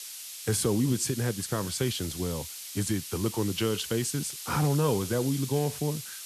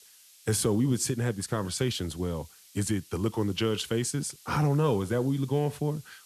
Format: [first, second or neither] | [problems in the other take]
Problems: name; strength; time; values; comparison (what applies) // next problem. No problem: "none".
second | hiss; loud; throughout; 8 dB below the speech; faint in the second